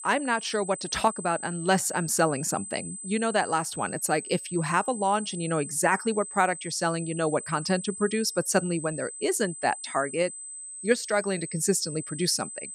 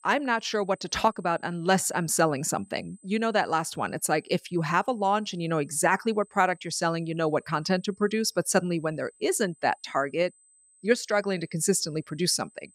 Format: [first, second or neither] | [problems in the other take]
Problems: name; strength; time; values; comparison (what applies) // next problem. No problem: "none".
second | high-pitched whine; loud; throughout; 8 kHz, 10 dB below the speech; faint in the second